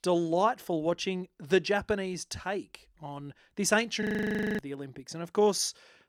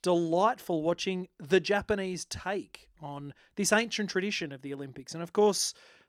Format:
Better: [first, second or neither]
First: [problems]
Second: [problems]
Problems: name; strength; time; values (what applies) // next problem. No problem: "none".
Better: second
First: audio freezing; at 4 s for 0.5 s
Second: none